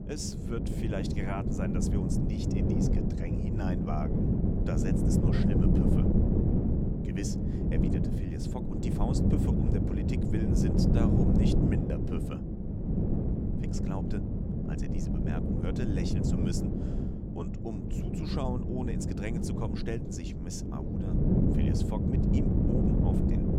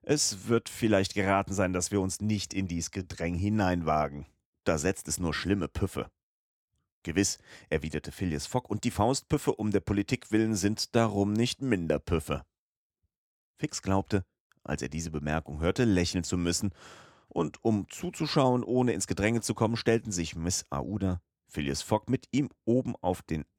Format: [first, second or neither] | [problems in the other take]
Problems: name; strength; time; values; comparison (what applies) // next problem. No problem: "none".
second | wind noise on the microphone; heavy; 5 dB above the speech